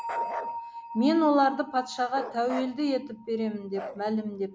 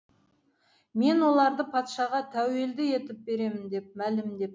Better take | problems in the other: second | background sound (Bark + Bell); 10 dB below the speech

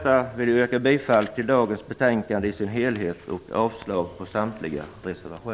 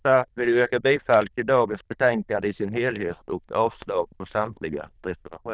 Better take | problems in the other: first | noise reduction (neural diffusion model UNIVERSE++)

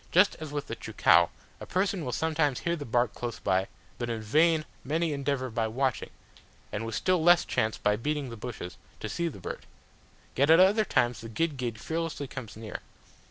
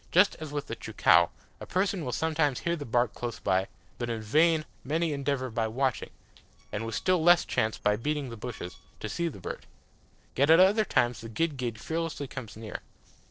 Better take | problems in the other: first | noise reduction (neural separator model SepFormer DNS4)

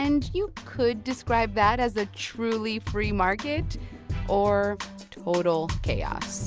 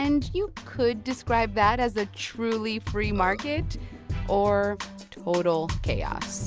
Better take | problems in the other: first | background sound (Burping, eructation); 16 dB below the speech

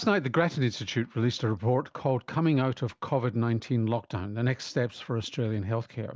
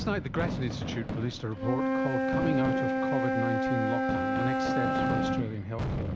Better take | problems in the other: first | background sound (Fireworks + Wind instrument, woodwind instrument); 5 dB above the speech

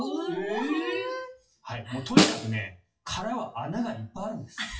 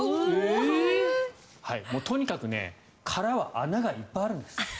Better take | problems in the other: second | noise reduction (classical method WPE with log-MMSE)

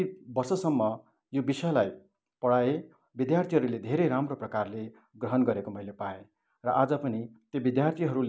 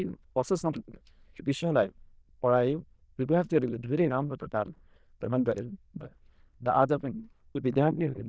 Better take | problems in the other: first | noise reduction (neural diffusion model UNIVERSE++)

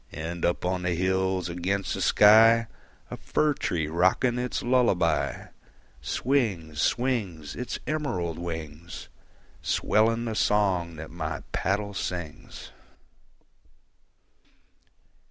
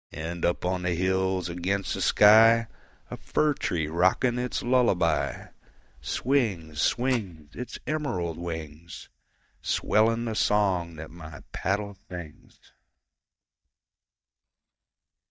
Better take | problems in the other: first | noise reduction (neural mask model DeepFilterNet 3)

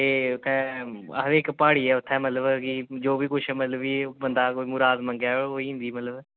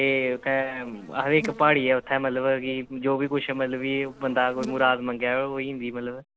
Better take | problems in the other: first | background sound (Insect); 19 dB below the speech

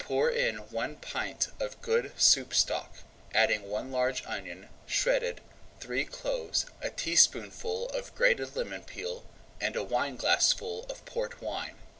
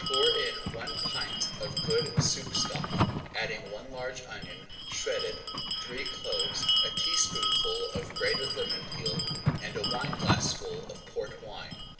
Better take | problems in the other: first | background sound (Bell); 3 dB above the speech // room echo; dies away in 0.8 s

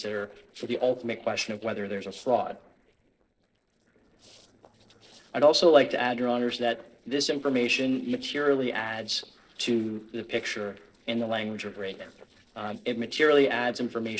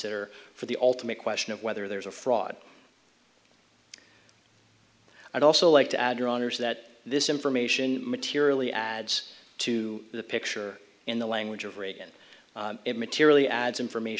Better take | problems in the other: second | noise reduction (neural separator model SepFormer DNS4)

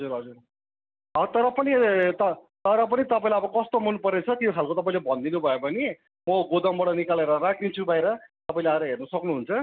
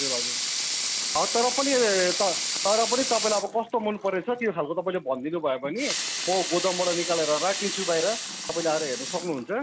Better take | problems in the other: first | background sound (Sink (filling or washing) / Water tap, faucet / Liquid); 4 dB below the speech

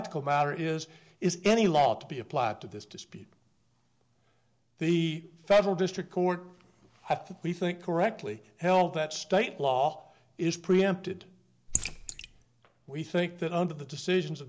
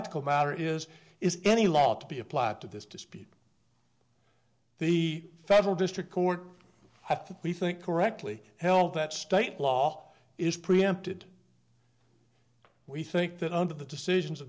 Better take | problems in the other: second | noise reduction (neural mask model Resemble Enhance denoiser)

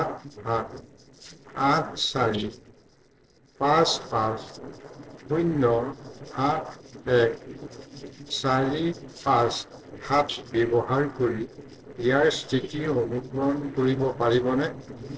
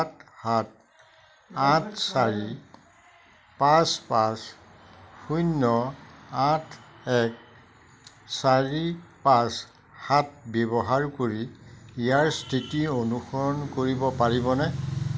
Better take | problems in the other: second | noise reduction (neural separator model SepFormer DNS4)

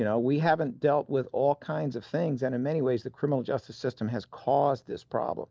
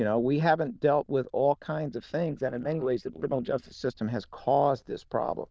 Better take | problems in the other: first | noise reduction (neural diffusion model UNIVERSE++)

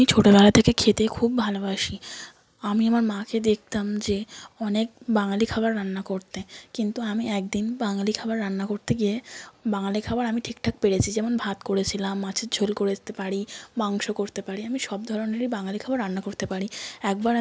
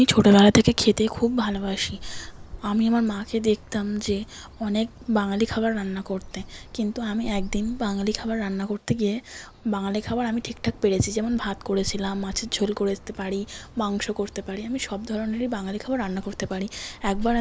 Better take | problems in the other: first | background sound (Bird); 15 dB below the speech

